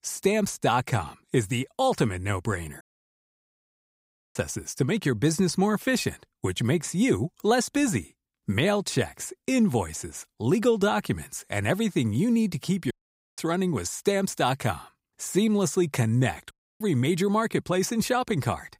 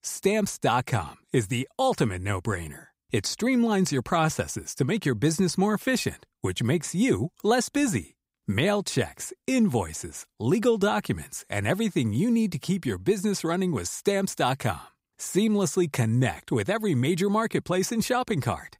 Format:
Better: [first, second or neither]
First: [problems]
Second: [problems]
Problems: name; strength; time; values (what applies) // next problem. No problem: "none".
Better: second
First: audio cutting out; at 3 s for 1.5 s, at 13 s and at 17 s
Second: none